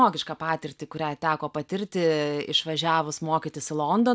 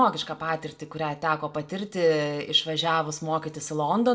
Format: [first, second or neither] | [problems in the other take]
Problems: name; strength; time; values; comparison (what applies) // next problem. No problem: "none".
first | room echo; dies away in 0.3 s